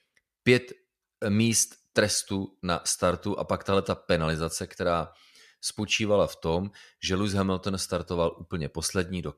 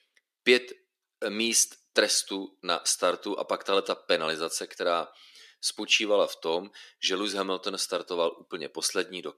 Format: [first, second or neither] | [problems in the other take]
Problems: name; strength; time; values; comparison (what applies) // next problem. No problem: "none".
first | thin; somewhat; fading below 300 Hz